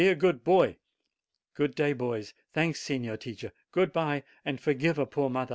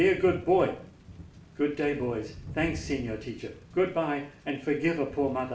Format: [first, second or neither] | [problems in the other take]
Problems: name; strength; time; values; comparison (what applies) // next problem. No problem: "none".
first | background sound (Thunder / Rain); 15 dB below the speech // room echo; dies away in 0.5 s